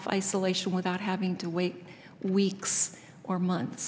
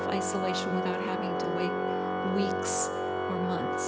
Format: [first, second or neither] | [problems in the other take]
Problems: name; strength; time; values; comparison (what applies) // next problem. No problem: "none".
first | background sound (Organ); 3 dB above the speech